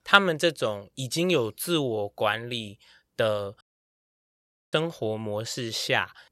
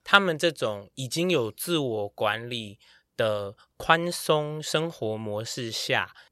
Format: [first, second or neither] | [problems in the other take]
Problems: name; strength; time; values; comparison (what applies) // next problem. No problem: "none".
second | audio cutting out; at 3.5 s for 1 s